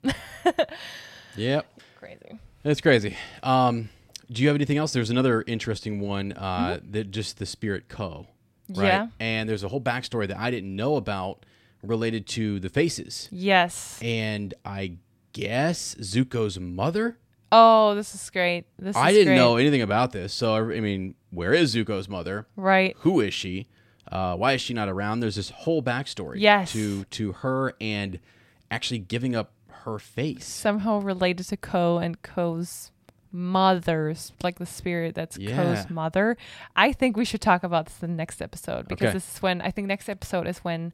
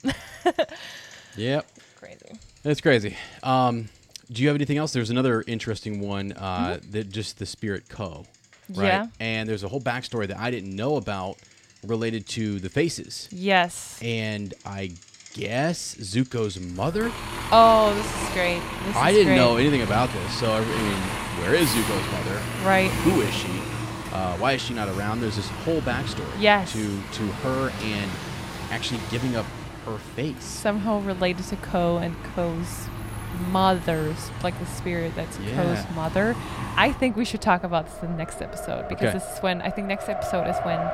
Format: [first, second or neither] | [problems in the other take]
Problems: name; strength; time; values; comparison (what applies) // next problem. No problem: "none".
first | traffic noise; loud; throughout; 7 dB below the speech